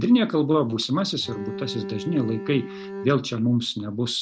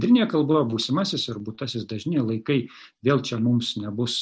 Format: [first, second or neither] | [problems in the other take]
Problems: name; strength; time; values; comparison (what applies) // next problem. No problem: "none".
second | background sound (Bowed string instrument); 11 dB below the speech